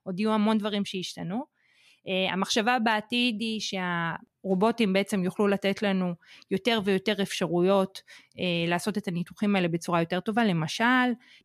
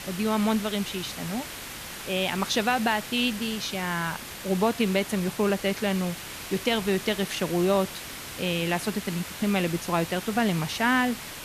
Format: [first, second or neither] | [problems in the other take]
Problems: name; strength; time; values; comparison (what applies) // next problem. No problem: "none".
first | hiss; loud; throughout; 10 dB below the speech